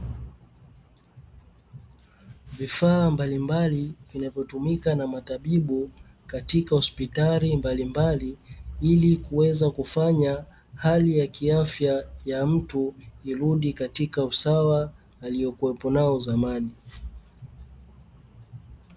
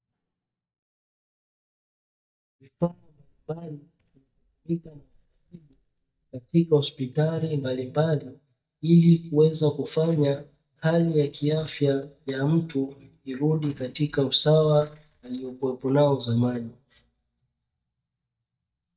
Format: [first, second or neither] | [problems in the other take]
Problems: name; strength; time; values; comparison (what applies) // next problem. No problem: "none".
first | noise reduction (neural mask model DeepFilterNet 3)